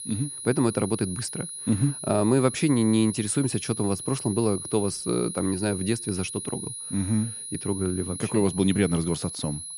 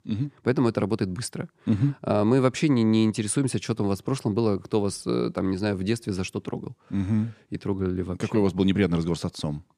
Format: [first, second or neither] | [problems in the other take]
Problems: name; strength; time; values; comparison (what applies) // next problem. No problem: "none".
second | high-pitched whine; loud; throughout; 10.5 kHz, 8 dB below the speech